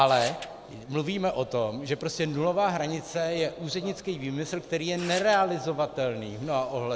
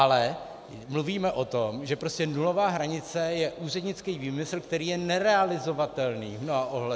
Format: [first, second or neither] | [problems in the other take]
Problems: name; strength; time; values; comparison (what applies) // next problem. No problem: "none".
second | background sound (Tearing); 18 dB below the speech